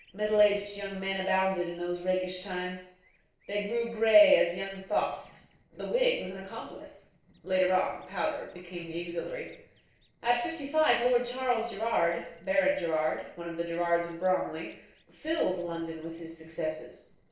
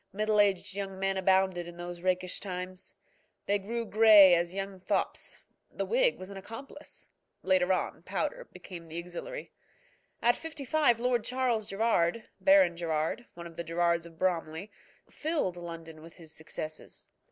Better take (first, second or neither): second